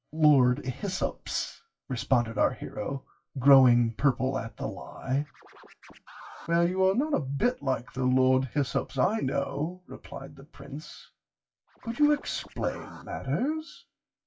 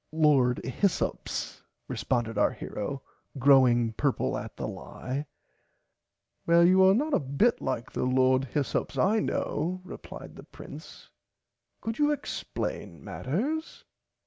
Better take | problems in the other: second | noise reduction (classical method WPE with log-MMSE)

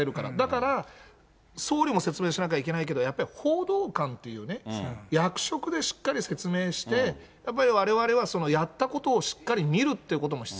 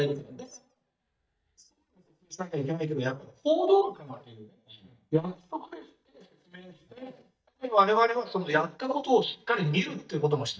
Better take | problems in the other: first | noise reduction (neural mask model DeepFilterNet 3)

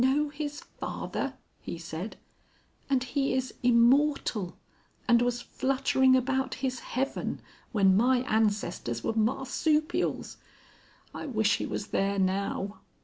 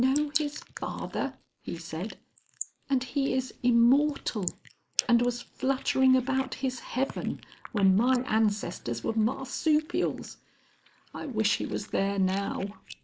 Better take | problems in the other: first | noise reduction (neural mask model Resemble Enhance denoiser)

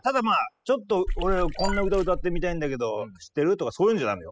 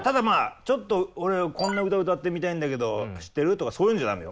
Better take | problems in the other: second | noise reduction (classical method spectral subtraction)

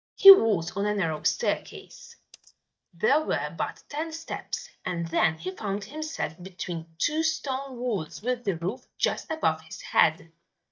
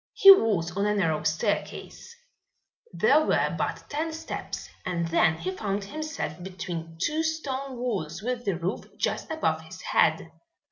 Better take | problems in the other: second | noise reduction (neural mask model DeepFilterNet 3)

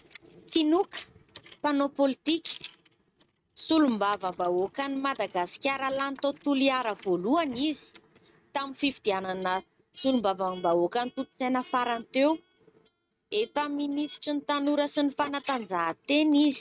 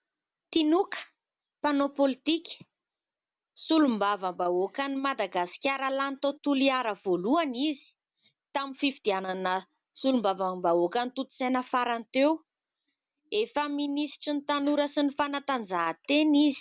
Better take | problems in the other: second | noise reduction (neural mask model RNNoise)

